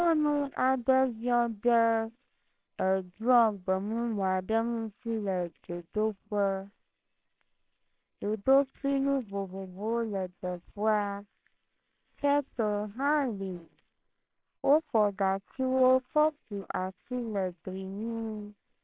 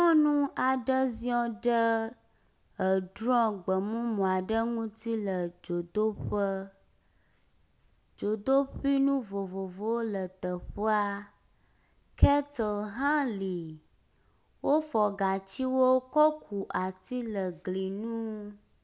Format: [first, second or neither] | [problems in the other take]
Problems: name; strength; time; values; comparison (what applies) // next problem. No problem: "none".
second | noise reduction (neural separator model SepFormer WHAMR!)